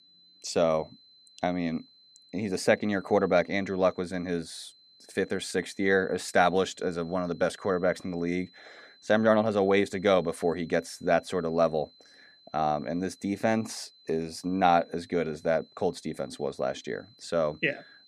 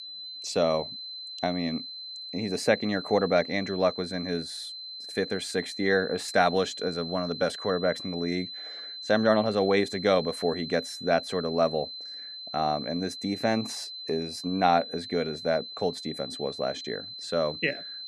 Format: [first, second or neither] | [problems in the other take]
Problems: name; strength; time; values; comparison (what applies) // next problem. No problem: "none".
first | high-pitched whine; loud; throughout; 4 kHz, 9 dB below the speech; faint in the first